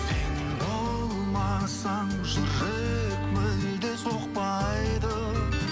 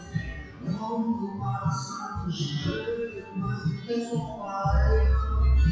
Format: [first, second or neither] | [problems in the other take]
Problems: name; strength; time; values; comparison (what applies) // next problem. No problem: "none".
first | noise reduction (classical method WPE with log-MMSE)